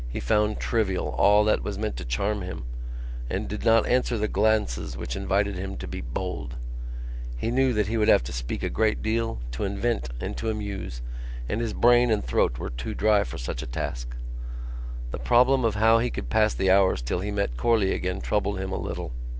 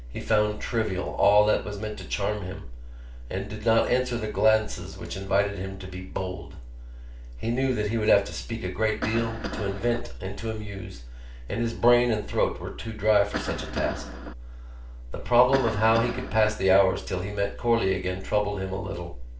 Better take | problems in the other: first | background sound (Cough); 9 dB below the speech // room echo; dies away in 0.3 s

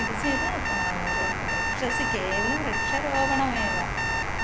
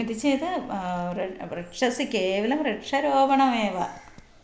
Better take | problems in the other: second | background sound (Rain + Alarm); 4 dB above the speech

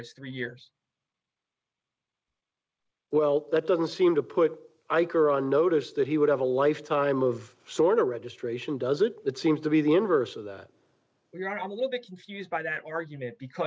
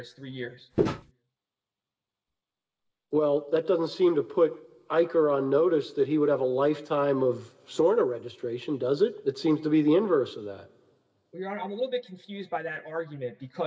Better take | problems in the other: first | background sound (Walk, footsteps); as loud as the speech // room echo; dies away in 0.9 s

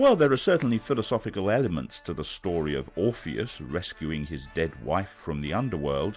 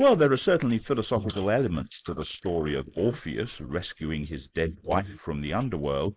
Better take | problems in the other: first | noise reduction (neural mask model Resemble Enhance denoiser)

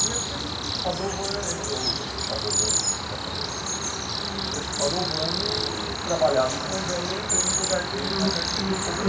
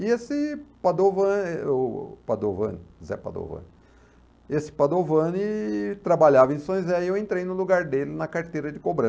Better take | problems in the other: second | background sound (Cricket); 4 dB above the speech // room echo; dies away in 2.4 s

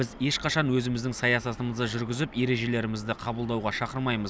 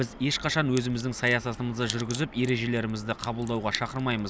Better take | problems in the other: first | background sound (Crack); 16 dB below the speech

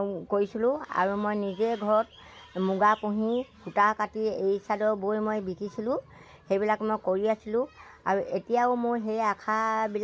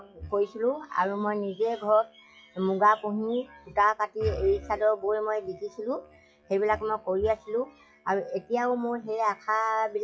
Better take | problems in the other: first | noise reduction (classical method WPE with log-MMSE)

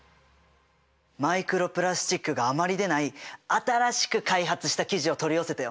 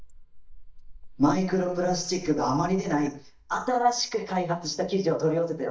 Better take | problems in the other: first | noise reduction (neural mask model DeepFilterNet 3)

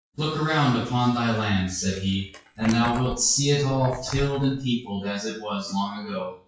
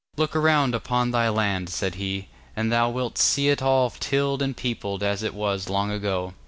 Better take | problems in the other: second | noise reduction (classical method WPE with log-MMSE)

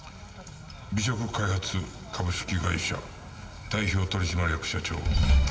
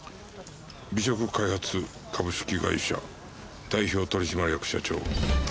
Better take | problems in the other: second | room echo; dies away in 2.4 s

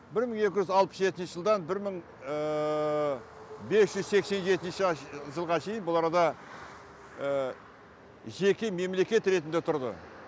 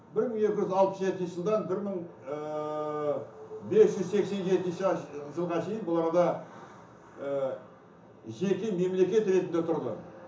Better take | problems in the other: first | room echo; dies away in 0.7 s

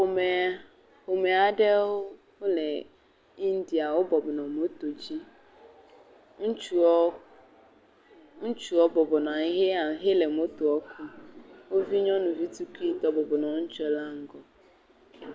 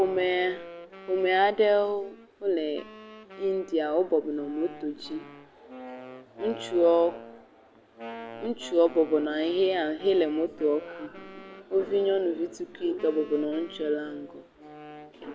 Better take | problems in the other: first | background sound (Wind instrument, woodwind instrument); 17 dB below the speech

